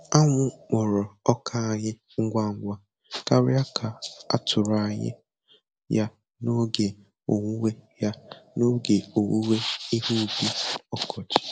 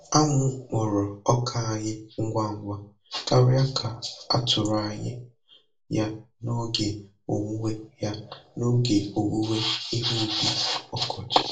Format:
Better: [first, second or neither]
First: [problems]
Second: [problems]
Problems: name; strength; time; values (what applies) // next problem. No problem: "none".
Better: first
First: none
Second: room echo; dies away in 0.3 s